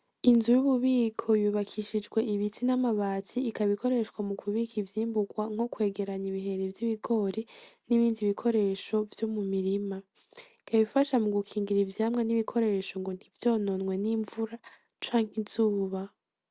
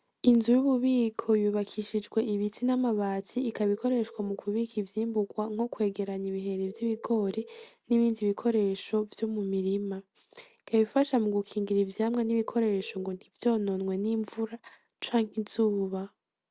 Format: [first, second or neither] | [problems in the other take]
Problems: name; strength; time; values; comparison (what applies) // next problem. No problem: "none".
first | background sound (Telephone); 19 dB below the speech